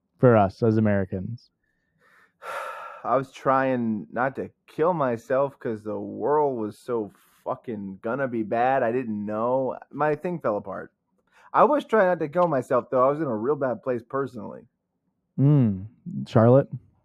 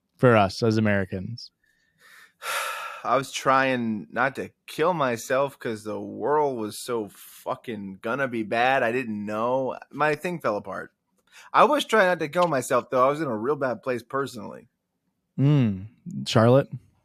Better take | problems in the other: second | muffled; very; fading above 2 kHz

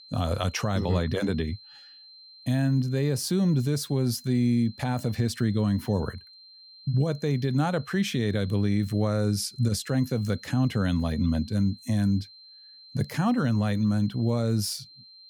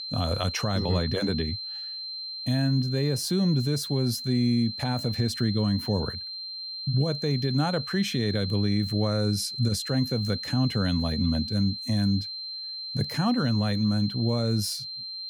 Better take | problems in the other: first | high-pitched whine; loud; throughout; 4 kHz, 6 dB below the speech; faint in the first

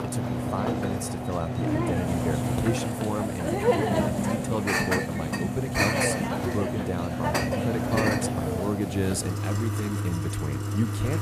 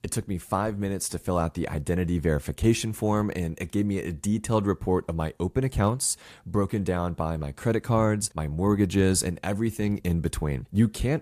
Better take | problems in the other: second | household noises; very loud; throughout; 4 dB above the speech

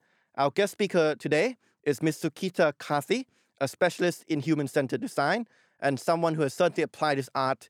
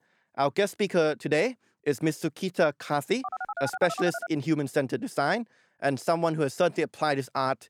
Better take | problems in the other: first | phone ringing; noticeable; from 3 to 4.5 s; peak 6 dB below the speech

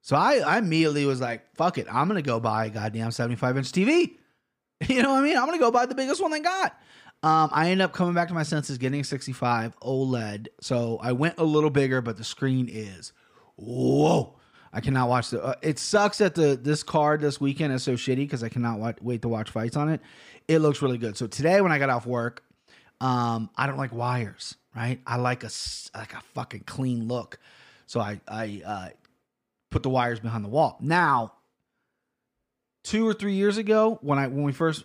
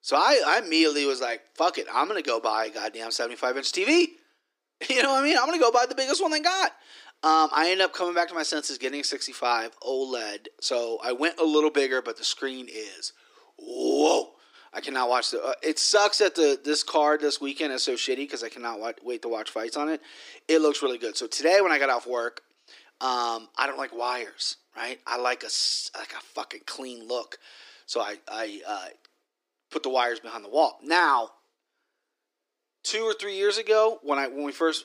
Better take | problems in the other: first | thin; somewhat; fading below 300 Hz

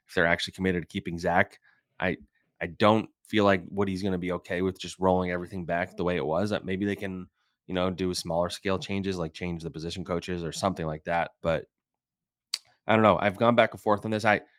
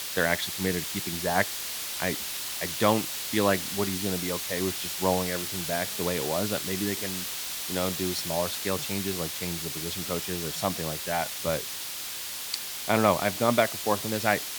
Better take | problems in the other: first | hiss; loud; throughout; 2 dB below the speech

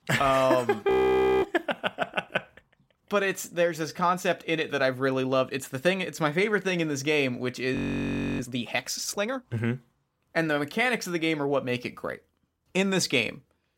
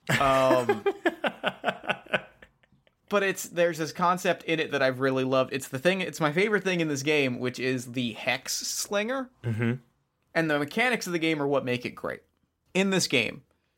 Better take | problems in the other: second | audio freezing; at 1 s for 0.5 s and at 8 s for 0.5 s

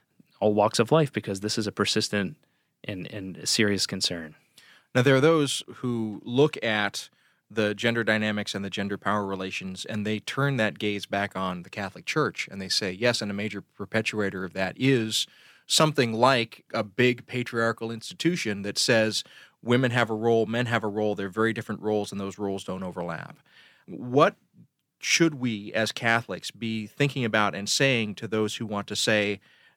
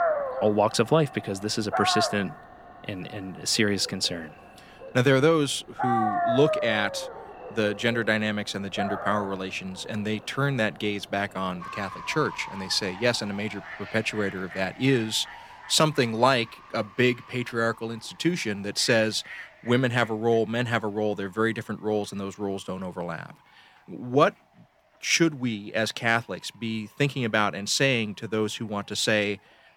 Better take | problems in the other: first | animal sounds; loud; throughout; 9 dB below the speech

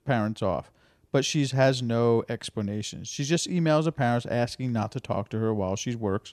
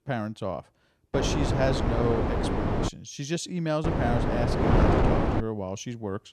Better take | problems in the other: first | wind noise on the microphone; heavy; from 1 to 3 s and from 4 to 5.5 s; 3 dB above the speech

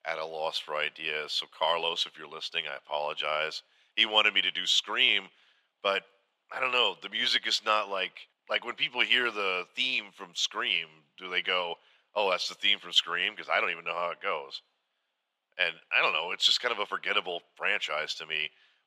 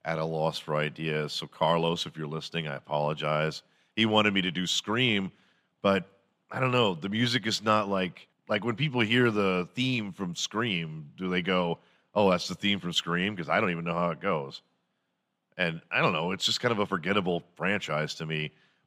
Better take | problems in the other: second | thin; very; fading below 600 Hz

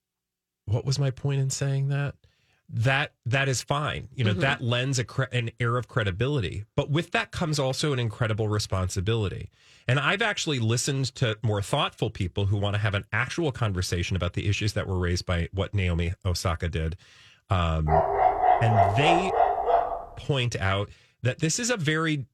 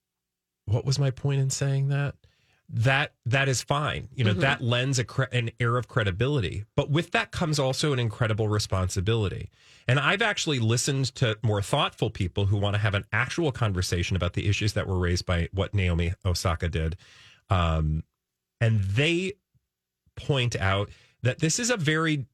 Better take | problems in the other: second | dog barking; loud; from 18 to 20 s; peak 6 dB above the speech

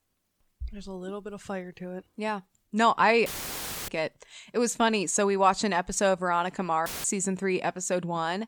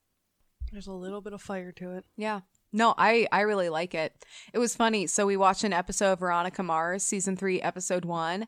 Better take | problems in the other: second | audio cutting out; filled with static; at 3.5 s for 0.5 s and at 7 s

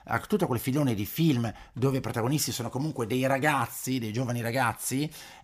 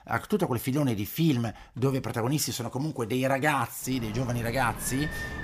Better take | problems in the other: first | animal sounds; noticeable; from 4 s on; 10 dB below the speech

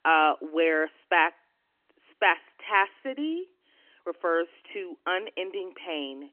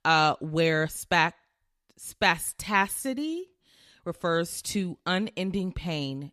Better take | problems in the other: second | phone-call audio; nothing above 3 kHz

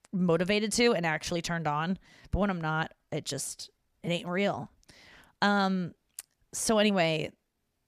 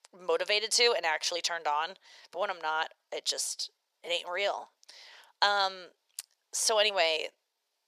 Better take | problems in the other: first | thin; very; fading below 500 Hz

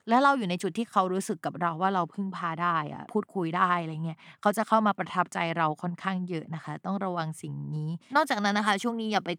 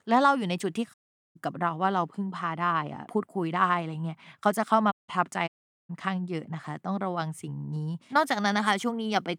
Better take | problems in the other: first | audio cutting out; at 1 s, at 5 s and at 5.5 s

